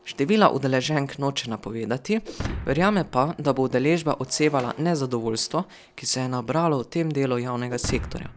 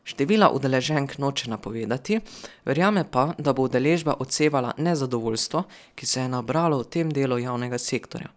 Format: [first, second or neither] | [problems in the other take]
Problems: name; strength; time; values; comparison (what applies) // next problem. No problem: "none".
second | background sound (Shatter); 15 dB below the speech